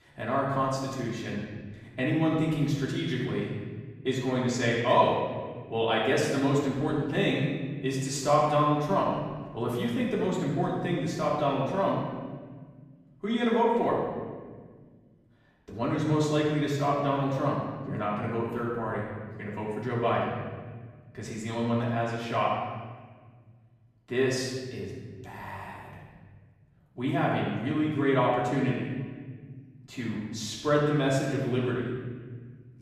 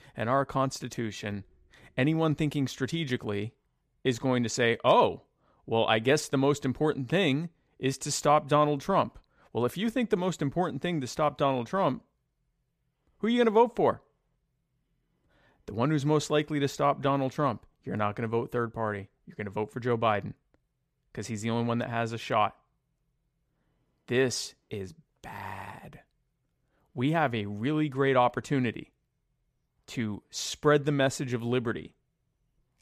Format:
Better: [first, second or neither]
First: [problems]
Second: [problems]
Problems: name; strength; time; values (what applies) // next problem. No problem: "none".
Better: second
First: off-mic speech; far // room echo; noticeable; dies away in 1.5 s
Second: none